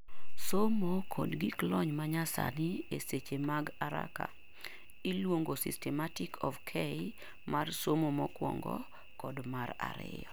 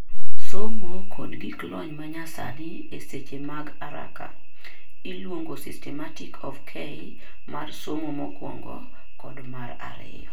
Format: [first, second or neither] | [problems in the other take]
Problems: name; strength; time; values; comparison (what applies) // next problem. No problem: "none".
first | room echo; dies away in 0.3 s